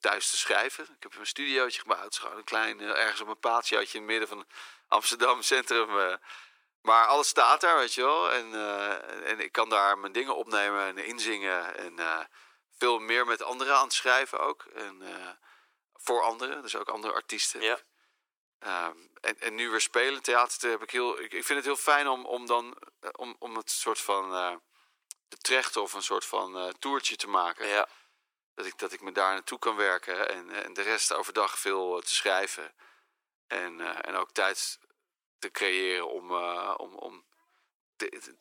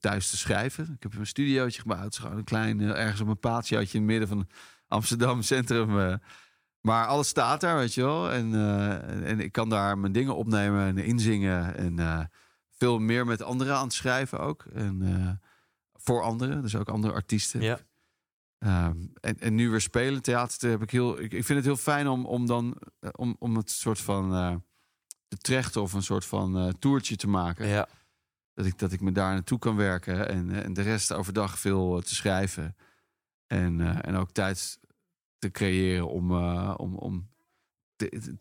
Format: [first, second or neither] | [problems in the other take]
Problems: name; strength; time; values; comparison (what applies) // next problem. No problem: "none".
second | thin; very; fading below 350 Hz